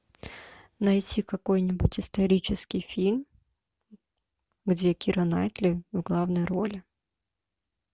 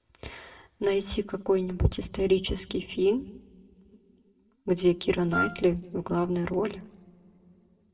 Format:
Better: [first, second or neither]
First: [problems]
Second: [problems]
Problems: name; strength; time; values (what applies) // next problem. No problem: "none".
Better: first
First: none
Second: background sound (Wind instrument, woodwind instrument); 4 dB below the speech // room echo; dies away in 0.5 s